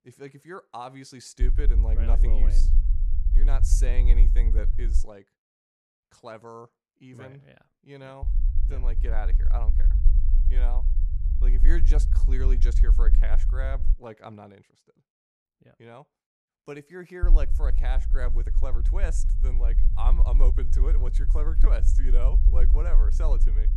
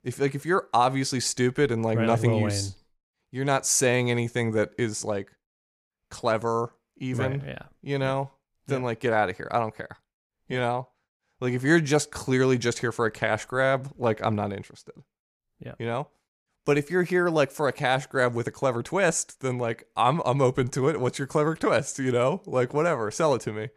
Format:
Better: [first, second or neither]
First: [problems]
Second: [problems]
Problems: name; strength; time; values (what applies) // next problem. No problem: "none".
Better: second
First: low rumble; loud; from 1.5 to 5 s, from 8 to 14 s and from 17 s on; 8 dB below the speech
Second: none